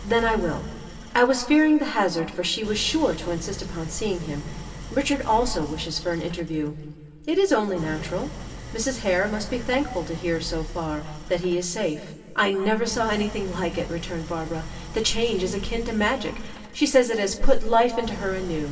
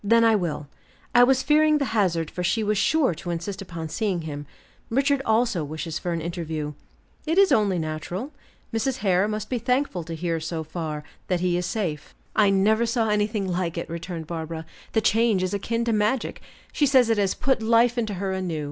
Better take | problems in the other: second | background sound (Idling); 14 dB below the speech // room echo; dies away in 2 s

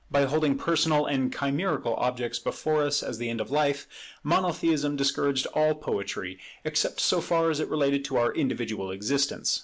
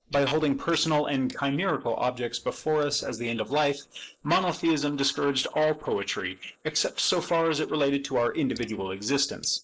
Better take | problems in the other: first | noise reduction (neural mask model Resemble Enhance denoiser)

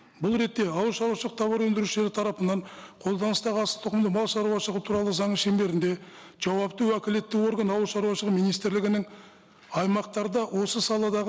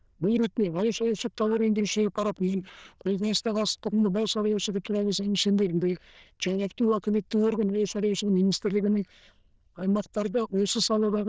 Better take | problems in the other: first | noise reduction (neural diffusion model UNIVERSE++)

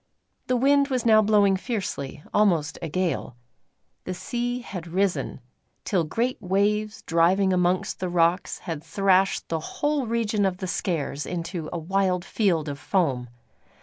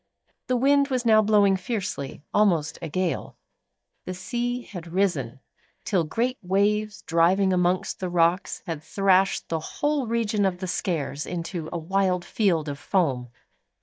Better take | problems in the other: first | noise reduction (neural mask model DeepFilterNet 3)

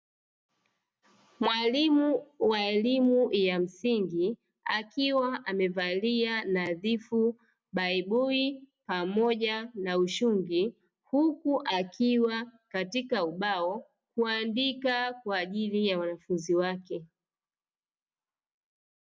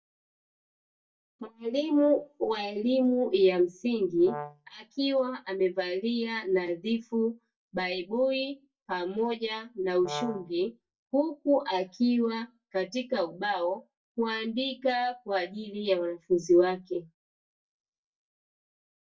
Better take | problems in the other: first | noise reduction (neural mask model DeepFilterNet 3)

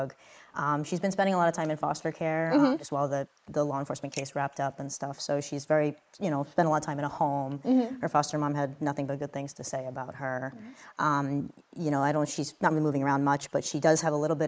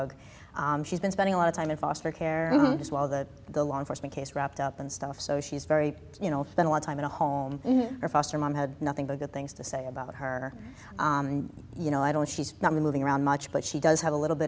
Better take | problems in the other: second | noise reduction (neural mask model Resemble Enhance denoiser)

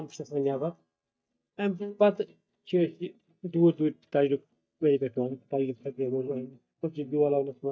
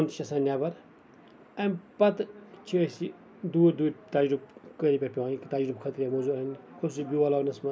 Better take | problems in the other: second | noise reduction (neural mask model DeepFilterNet 3)

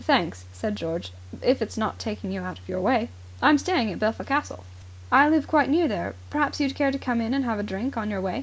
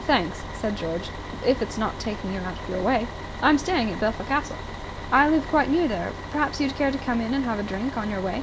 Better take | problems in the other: first | background sound (Engine + Bus); 10 dB below the speech

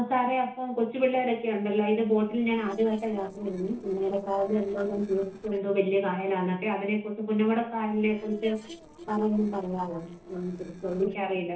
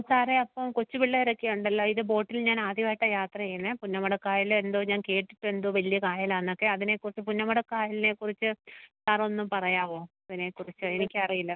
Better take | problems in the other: second | noise reduction (neural separator model SepFormer DNS4)

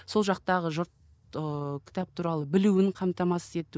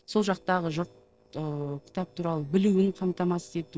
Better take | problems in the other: first | noise reduction (neural separator model SepFormer DNS4)

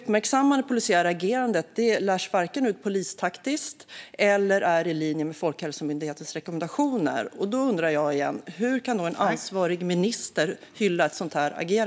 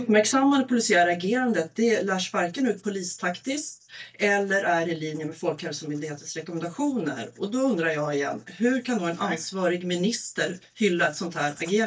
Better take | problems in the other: first | noise reduction (neural mask model DeepFilterNet 3)

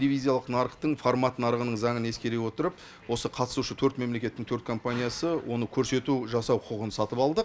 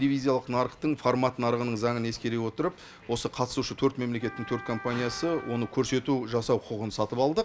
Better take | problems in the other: first | background sound (Wind instrument, woodwind instrument); 15 dB below the speech

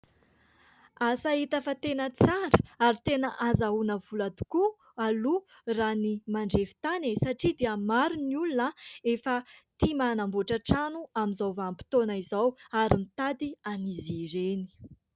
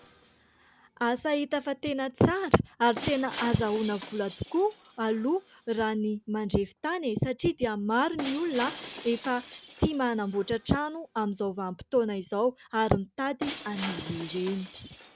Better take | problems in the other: first | background sound (Shatter); 16 dB below the speech

